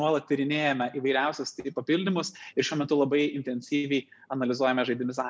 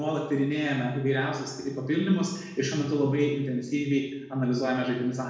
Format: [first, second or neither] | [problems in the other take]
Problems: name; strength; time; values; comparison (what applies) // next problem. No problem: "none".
first | room echo; dies away in 1 s